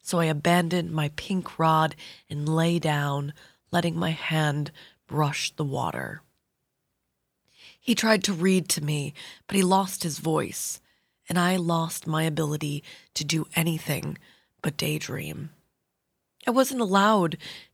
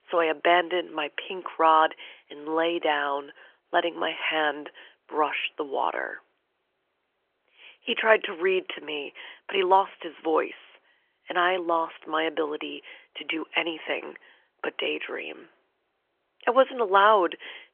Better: first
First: none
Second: phone-call audio; nothing above 3 kHz

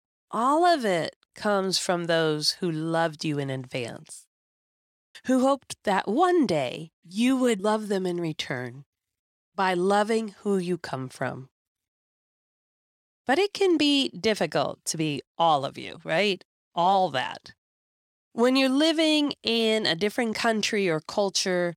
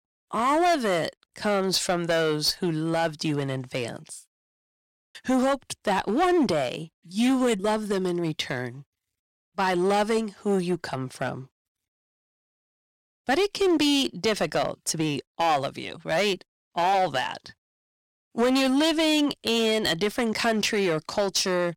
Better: first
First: none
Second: distortion; slight; 8% of the sound clipped

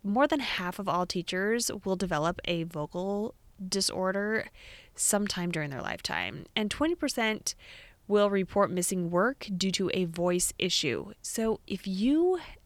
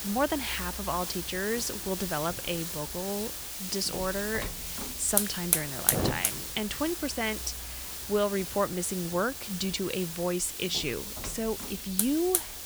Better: first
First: none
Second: hiss; loud; throughout; 1 dB below the speech

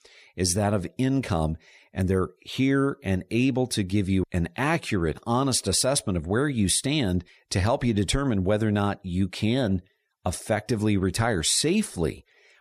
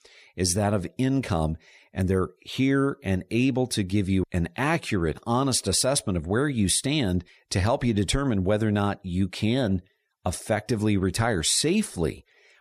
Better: neither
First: none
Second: none

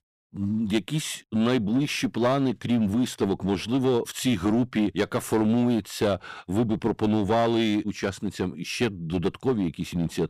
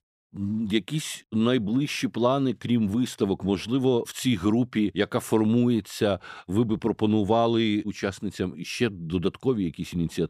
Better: second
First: distortion; slight; 6% of the sound clipped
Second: none

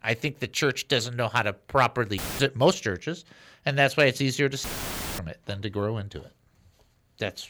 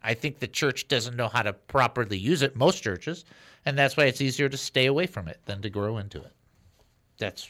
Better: second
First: audio cutting out; filled with static; at 2 s and at 4.5 s for 0.5 s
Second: none

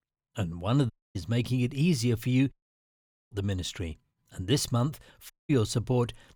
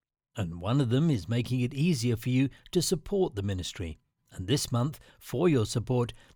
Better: second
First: audio cutting out; at 1 s, at 2.5 s for 1 s and at 5.5 s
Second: none

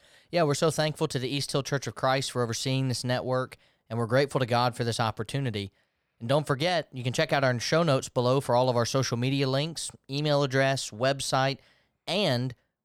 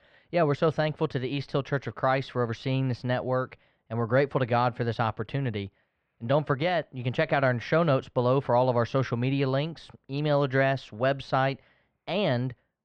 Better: first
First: none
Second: muffled; slightly; fading above 3 kHz

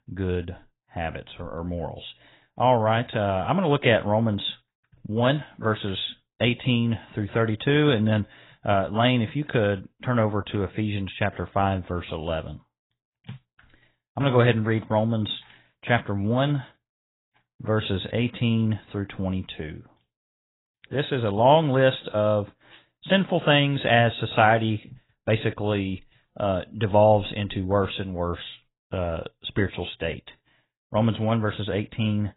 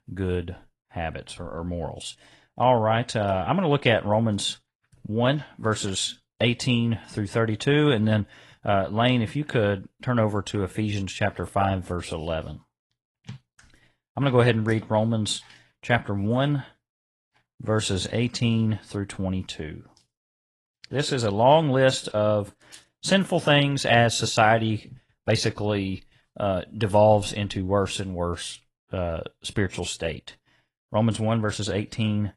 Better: second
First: garbled, watery; badly; nothing above 4 kHz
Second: garbled, watery; slightly

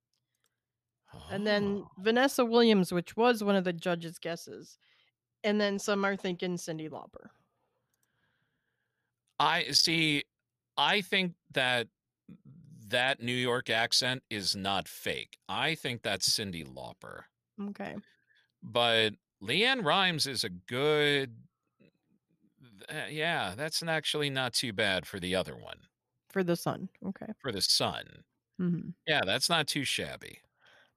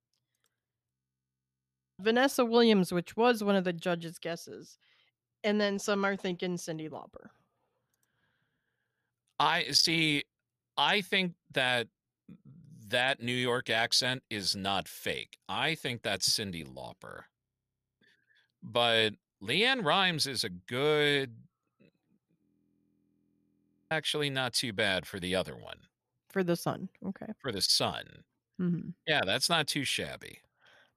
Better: first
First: none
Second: audio freezing; at 1 s for 1 s, at 17 s for 0.5 s and at 22 s for 1.5 s

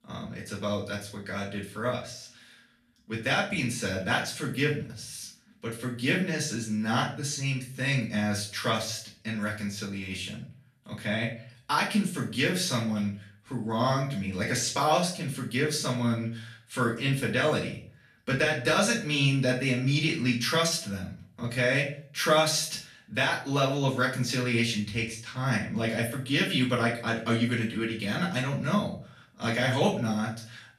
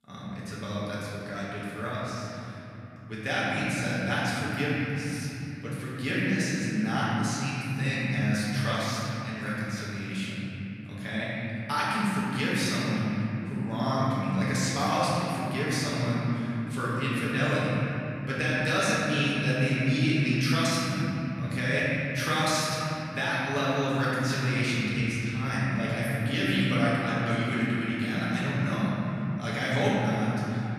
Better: first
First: room echo; slight; dies away in 0.4 s // off-mic speech; far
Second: room echo; strong; dies away in 3 s // off-mic speech; far

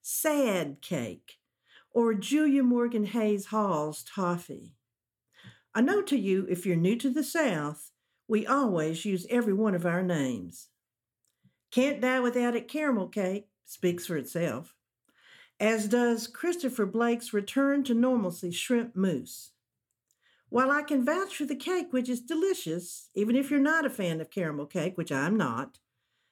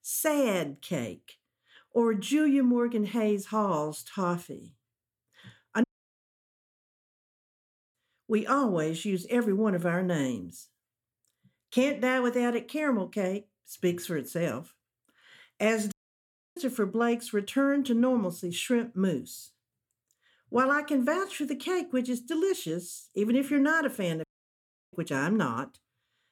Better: first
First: none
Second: audio cutting out; at 6 s for 2 s, at 16 s for 0.5 s and at 24 s for 0.5 s

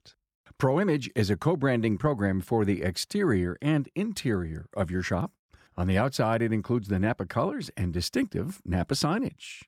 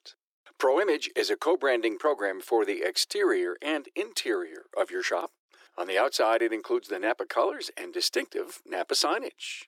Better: first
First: none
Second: thin; very; fading below 350 Hz

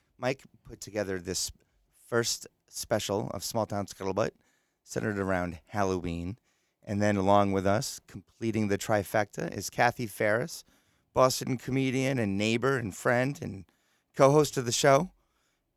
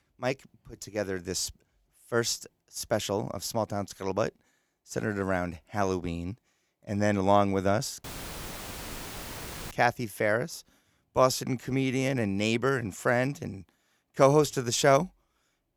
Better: first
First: none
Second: audio cutting out; filled with static; at 8 s for 1.5 s

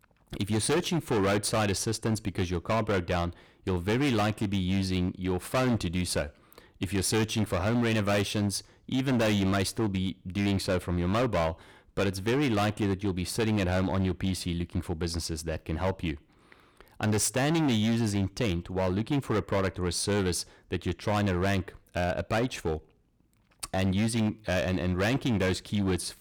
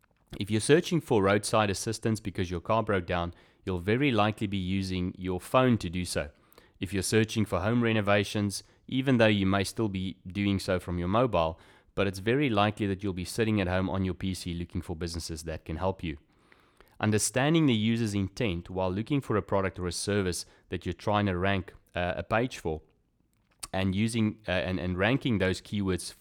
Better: second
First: distortion; heavy; 15% of the sound clipped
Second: none

